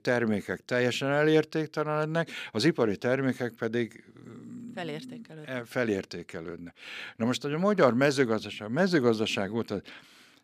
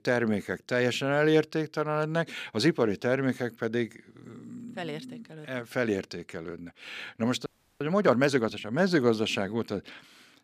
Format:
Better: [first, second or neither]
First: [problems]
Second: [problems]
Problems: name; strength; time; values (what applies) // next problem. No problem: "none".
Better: first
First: none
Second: audio freezing; at 7.5 s